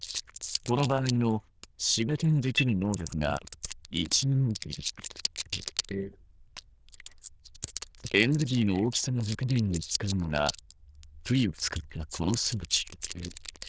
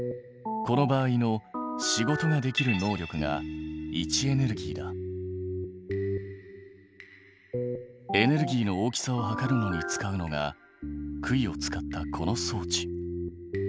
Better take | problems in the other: second | noise reduction (neural diffusion model UNIVERSE++)

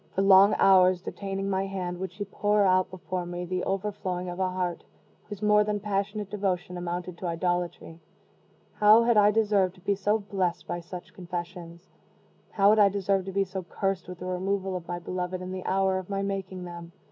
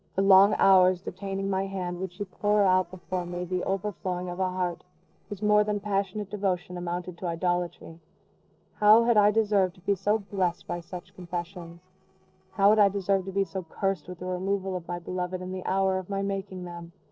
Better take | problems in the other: first | noise reduction (neural separator model SepFormer DNS4)

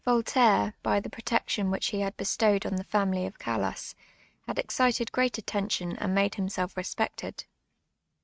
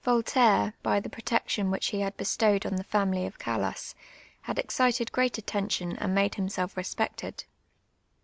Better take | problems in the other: second | noise reduction (neural mask model RNNoise)

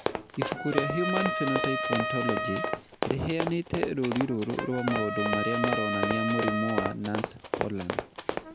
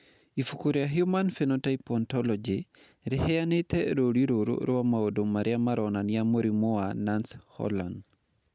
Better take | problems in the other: second | background sound (Run + Trumpet); as loud as the speech

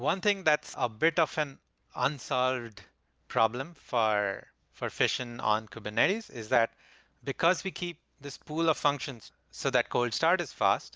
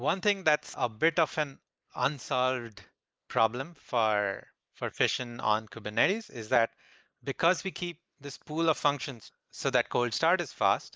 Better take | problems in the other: first | noise reduction (neural mask model Resemble Enhance denoiser)

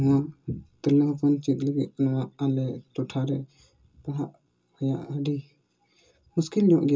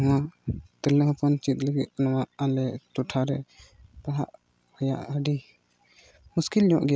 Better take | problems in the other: second | room echo; dies away in 0.2 s

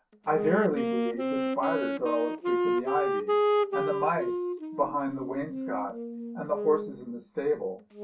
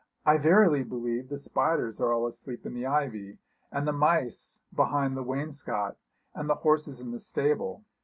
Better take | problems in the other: second | background sound (Wind instrument, woodwind instrument); as loud as the speech // room echo; dies away in 0.2 s

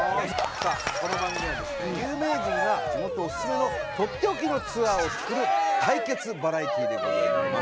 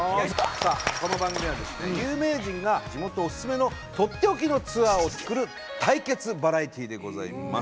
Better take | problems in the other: second | background sound (Cheering); as loud as the speech

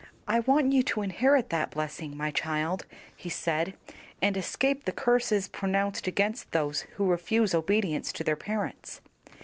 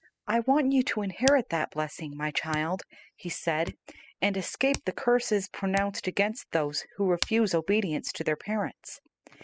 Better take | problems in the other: first | noise reduction (classical method spectral subtraction)

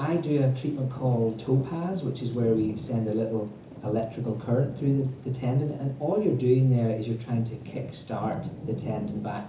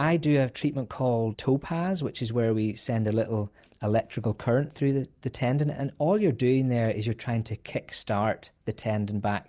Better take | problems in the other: second | background sound (Thunder / Rain); 13 dB below the speech // room echo; dies away in 0.7 s

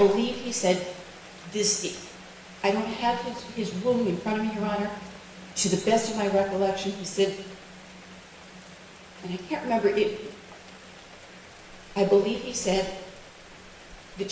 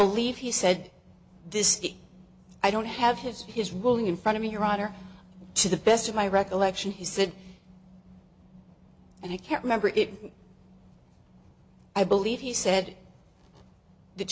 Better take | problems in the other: second | background sound (Rain); 19 dB below the speech // room echo; dies away in 0.9 s

